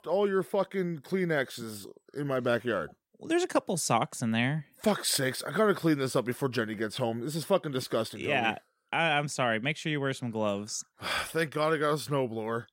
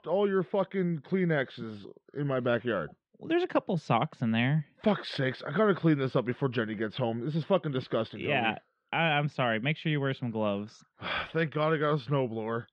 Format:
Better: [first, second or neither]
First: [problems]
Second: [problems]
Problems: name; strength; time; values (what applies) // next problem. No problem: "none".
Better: first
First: none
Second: muffled; slightly; fading above 3.5 kHz